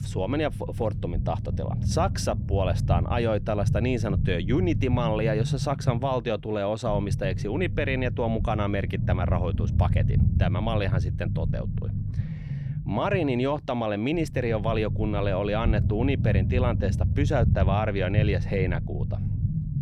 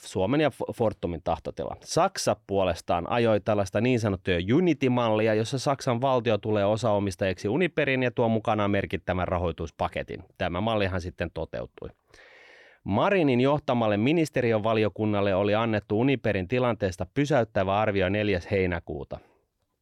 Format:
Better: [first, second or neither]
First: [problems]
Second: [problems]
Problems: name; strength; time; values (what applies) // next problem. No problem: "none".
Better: second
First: low rumble; noticeable; throughout; 10 dB below the speech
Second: none